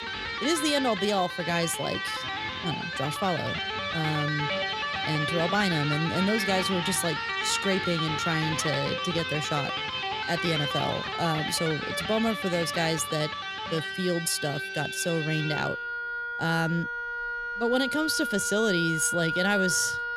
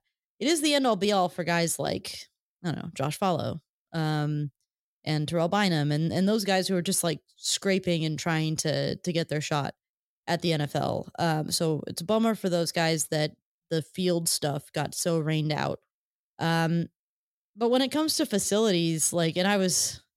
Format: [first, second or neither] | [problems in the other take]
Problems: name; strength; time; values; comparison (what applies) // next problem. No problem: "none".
second | background music; loud; throughout; 1 dB below the speech